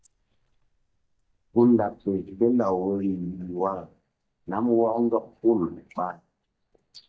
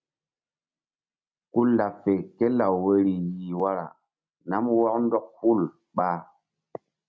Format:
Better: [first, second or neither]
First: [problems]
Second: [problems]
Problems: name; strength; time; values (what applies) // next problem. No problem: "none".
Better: second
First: noise reduction (neural mask model DeepFilterNet 3)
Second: none